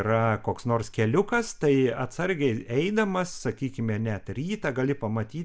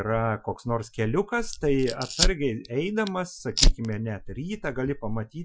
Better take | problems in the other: first | noise reduction (classical method Wiener filter)

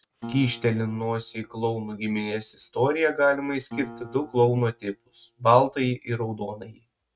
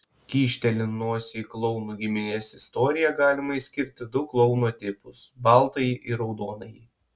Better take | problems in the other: second | noise reduction (neural mask model RNNoise)

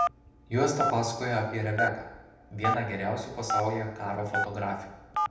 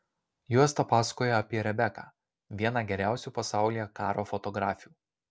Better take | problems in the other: second | background sound (Telephone); 3 dB below the speech // room echo; dies away in 0.8 s

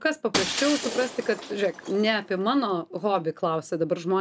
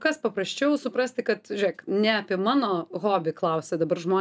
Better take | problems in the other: second | background sound (Shatter); 10 dB below the speech

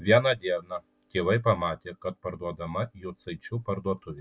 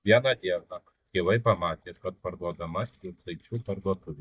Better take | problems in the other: first | noise reduction (neural mask model DeepFilterNet 3)

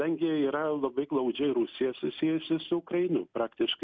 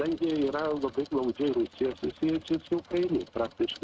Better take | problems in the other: first | noise reduction (neural mask model RNNoise)

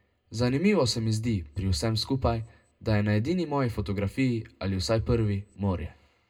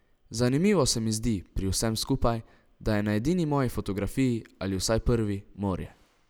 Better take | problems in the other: second | room echo; dies away in 0.2 s

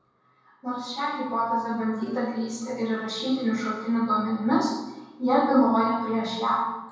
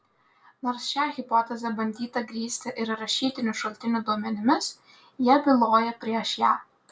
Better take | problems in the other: second | background sound (Plucked string instrument); 19 dB below the speech // room echo; dies away in 1.1 s

